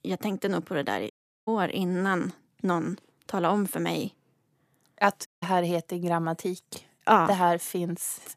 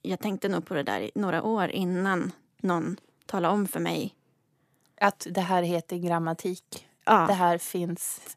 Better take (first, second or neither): second